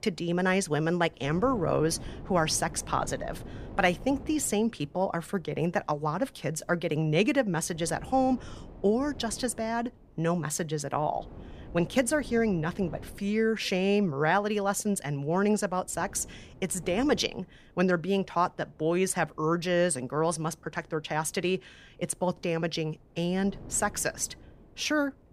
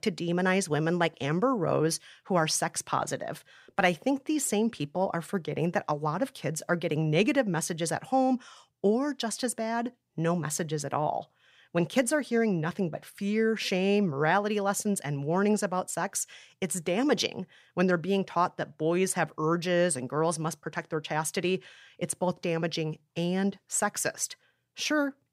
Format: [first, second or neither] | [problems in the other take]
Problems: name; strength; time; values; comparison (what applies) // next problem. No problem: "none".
second | wind noise on the microphone; occasional gusts; 20 dB below the speech